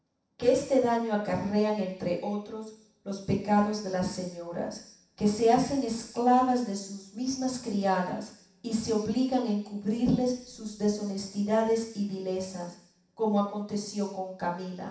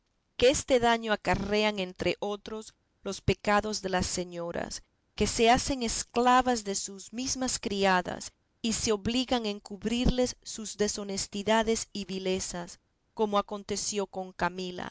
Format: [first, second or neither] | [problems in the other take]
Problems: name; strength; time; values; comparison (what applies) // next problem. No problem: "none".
second | room echo; dies away in 0.7 s